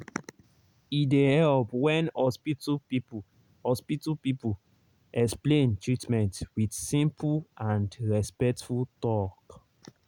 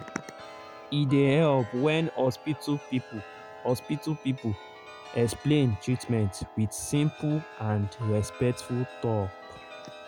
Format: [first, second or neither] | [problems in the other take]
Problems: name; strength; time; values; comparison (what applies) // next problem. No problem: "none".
first | background sound (Chime); 16 dB below the speech